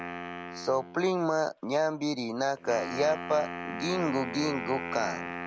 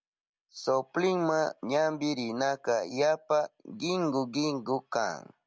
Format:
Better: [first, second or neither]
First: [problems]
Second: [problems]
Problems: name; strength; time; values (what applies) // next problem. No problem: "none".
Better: second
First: background sound (Wind instrument, woodwind instrument); 9 dB below the speech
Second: none